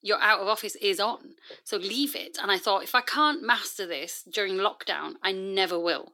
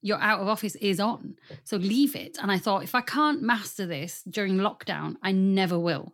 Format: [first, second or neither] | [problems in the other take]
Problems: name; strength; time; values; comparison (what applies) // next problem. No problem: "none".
second | thin; somewhat; fading below 350 Hz